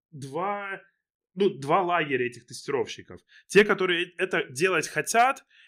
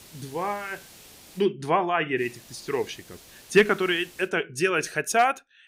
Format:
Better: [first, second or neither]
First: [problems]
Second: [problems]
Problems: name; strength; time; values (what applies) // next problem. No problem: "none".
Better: first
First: none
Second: hiss; faint; until 1.5 s and from 2 to 4.5 s; 25 dB below the speech